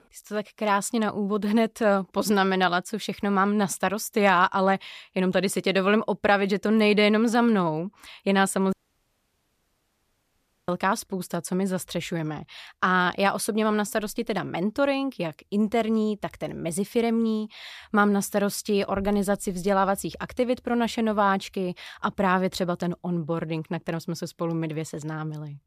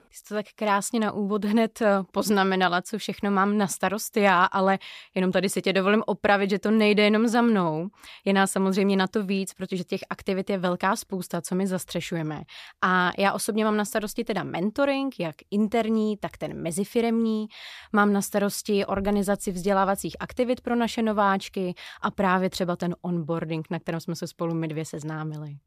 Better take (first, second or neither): second